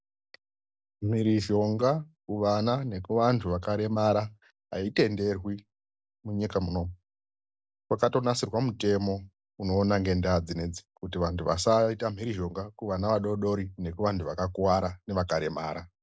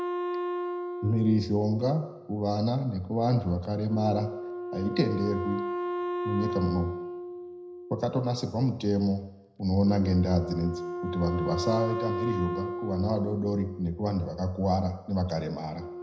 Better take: first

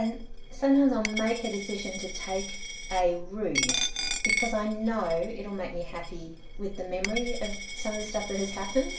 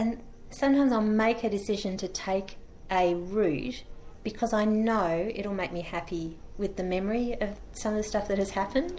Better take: second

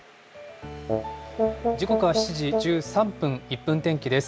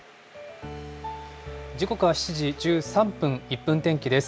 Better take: second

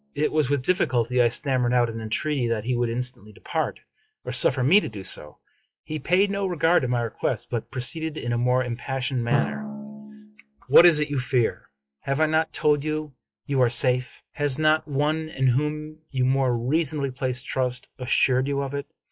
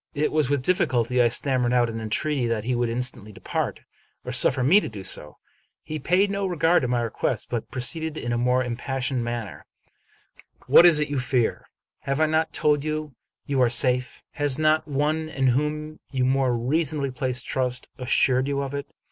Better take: second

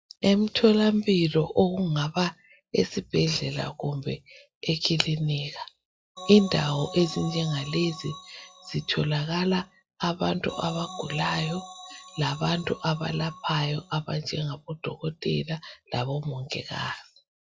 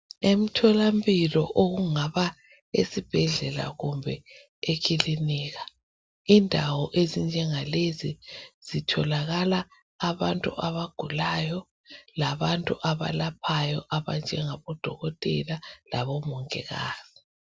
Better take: second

